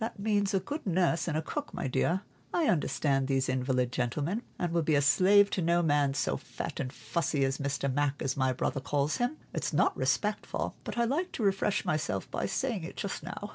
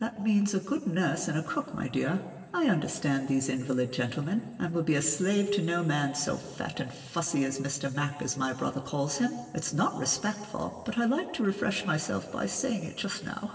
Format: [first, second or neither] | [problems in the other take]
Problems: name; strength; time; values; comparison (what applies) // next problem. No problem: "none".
first | room echo; dies away in 2.7 s